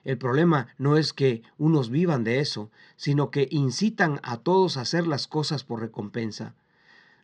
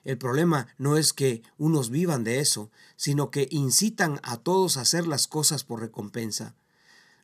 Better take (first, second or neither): second